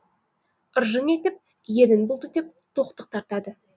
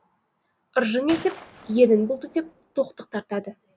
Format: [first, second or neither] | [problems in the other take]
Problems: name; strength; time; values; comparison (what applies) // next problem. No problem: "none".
first | background sound (Gunshot, gunfire); 18 dB below the speech